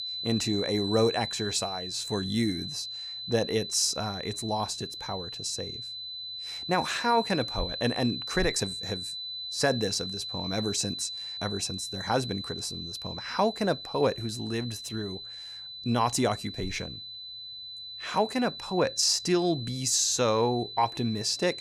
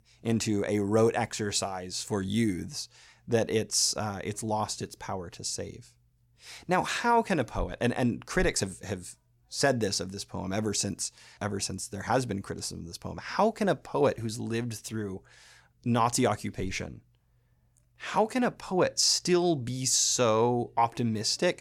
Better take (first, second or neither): second